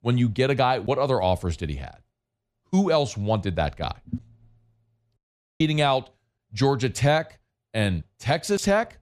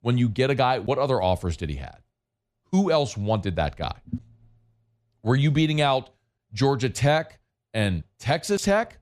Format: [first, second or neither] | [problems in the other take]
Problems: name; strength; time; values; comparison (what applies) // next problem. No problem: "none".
second | audio cutting out; at 5 s